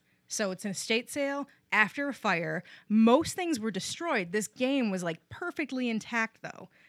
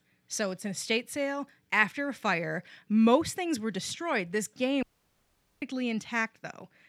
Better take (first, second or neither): first